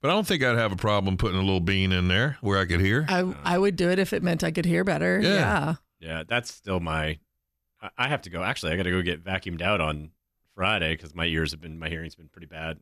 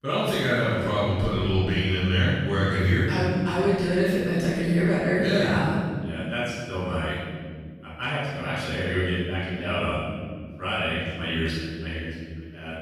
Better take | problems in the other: first | room echo; strong; dies away in 1.9 s // off-mic speech; far

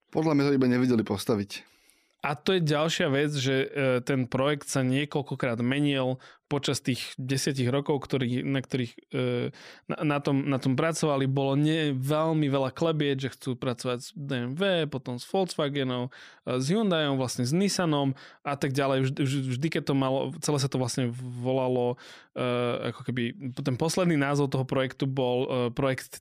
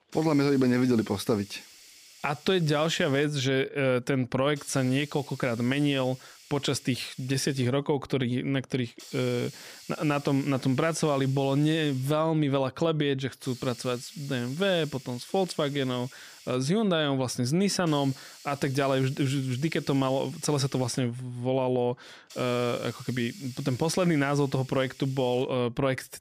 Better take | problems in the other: first | hiss; noticeable; throughout; 20 dB below the speech

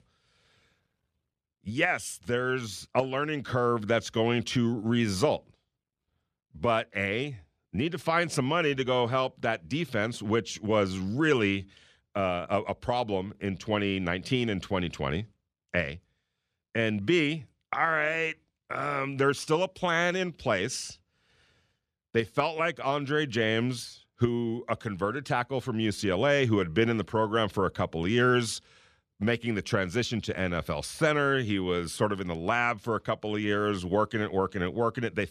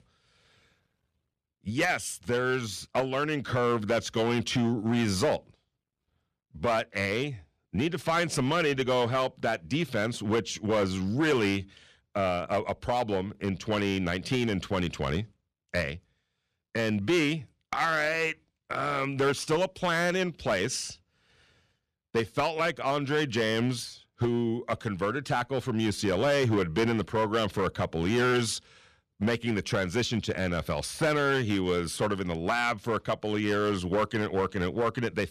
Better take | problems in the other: first | distortion; slight; 6% of the sound clipped

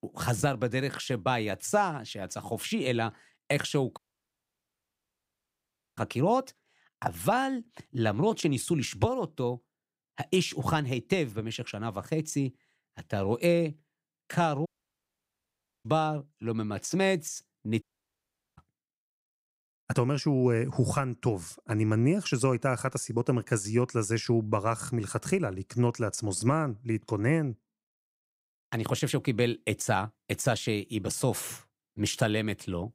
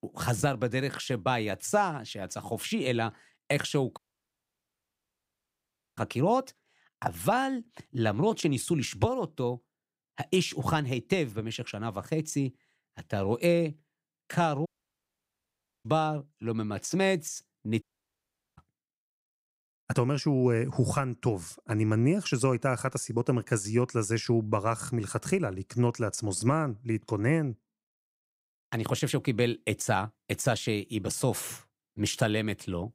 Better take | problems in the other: neither | audio cutting out; at 4 s for 2 s, at 15 s for 1 s and at 18 s for 1 s; the same in both

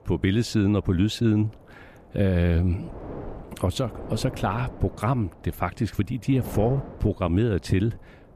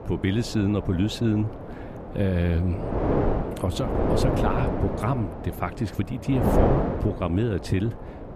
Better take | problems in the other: first | wind noise on the microphone; heavy; as loud as the speech; occasional gusts in the first

